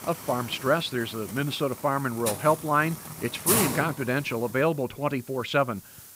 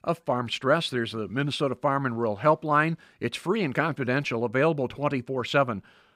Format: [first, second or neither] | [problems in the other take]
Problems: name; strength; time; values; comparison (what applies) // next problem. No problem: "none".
second | hiss; loud; throughout; 5 dB below the speech